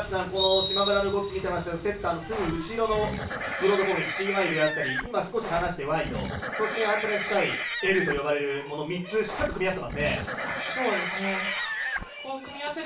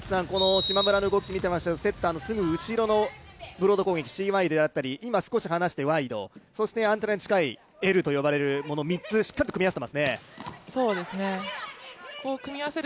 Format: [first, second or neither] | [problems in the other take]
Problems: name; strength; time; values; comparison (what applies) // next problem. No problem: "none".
second | background sound (Livestock, farm animals, working animals); 4 dB below the speech // room echo; dies away in 0.3 s